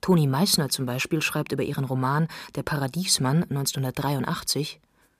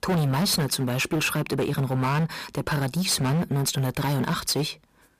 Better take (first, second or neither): first